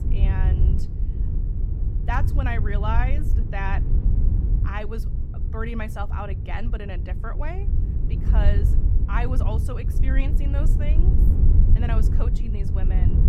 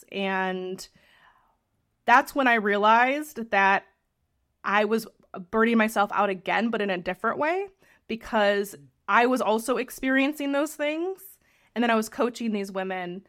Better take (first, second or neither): second